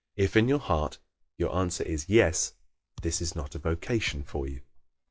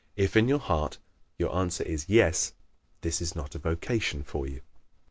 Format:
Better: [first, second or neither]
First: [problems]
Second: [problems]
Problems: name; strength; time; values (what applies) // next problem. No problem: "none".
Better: second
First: noise reduction (classical method log-MMSE)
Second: none